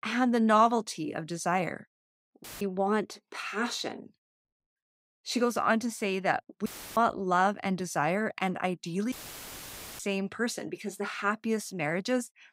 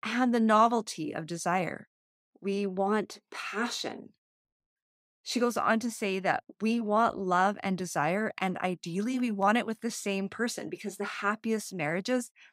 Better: second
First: audio cutting out; filled with static; at 2.5 s, at 6.5 s and at 9 s for 1 s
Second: none

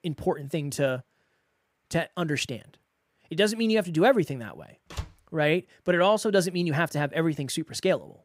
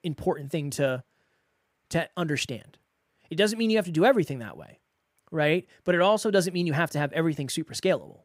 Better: second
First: door banging; faint; at 5 s; peak 15 dB below the speech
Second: none

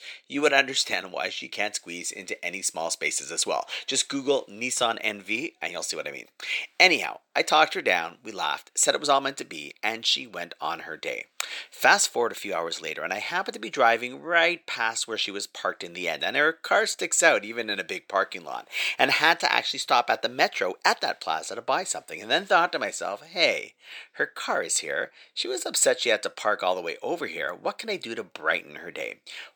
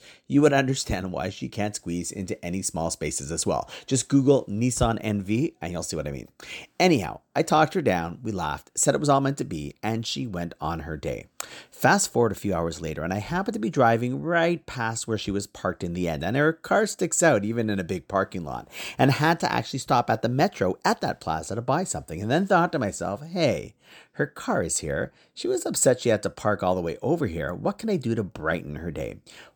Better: second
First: thin; somewhat; fading below 500 Hz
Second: none

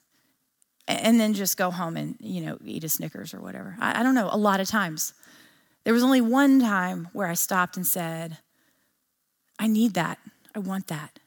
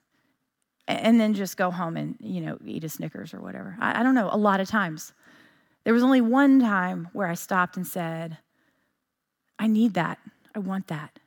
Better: first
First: none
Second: muffled; slightly; fading above 4 kHz

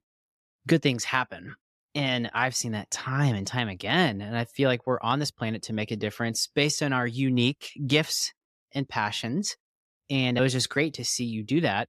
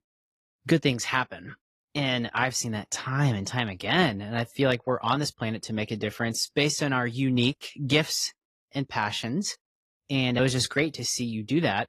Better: first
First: none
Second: garbled, watery; slightly; nothing above 14 kHz

